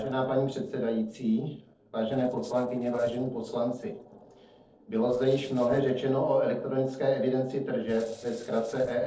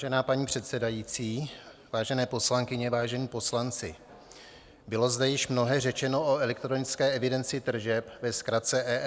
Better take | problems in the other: second | noise reduction (neural separator model SepFormer DNS4)

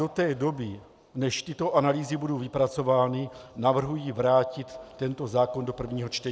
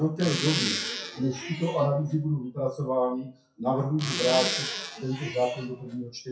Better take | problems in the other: first | noise reduction (classical method WPE with log-MMSE)

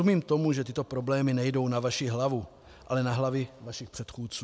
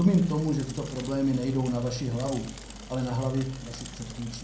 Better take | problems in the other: first | background sound (Mechanisms / Bicycle); 15 dB below the speech // room echo; dies away in 0.5 s

